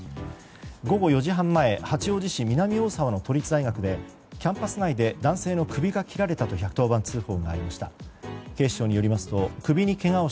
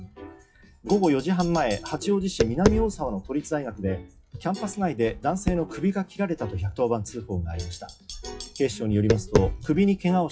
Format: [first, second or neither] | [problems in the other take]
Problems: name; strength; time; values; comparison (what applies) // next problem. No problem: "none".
first | noise reduction (classical method WPE with log-MMSE)